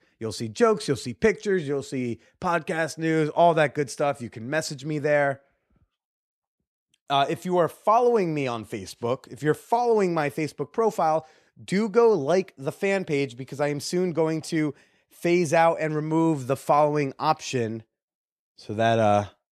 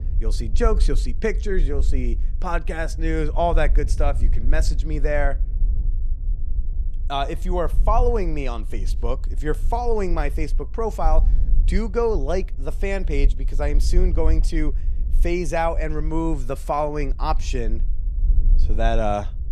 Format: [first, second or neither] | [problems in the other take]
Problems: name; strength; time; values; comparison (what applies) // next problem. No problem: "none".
first | low rumble; faint; throughout; 20 dB below the speech